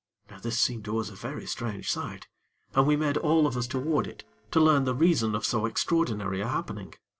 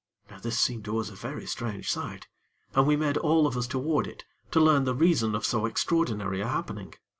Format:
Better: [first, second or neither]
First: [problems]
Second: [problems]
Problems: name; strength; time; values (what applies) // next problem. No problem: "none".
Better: second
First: noise reduction (neural separator model SepFormer DNS4)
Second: none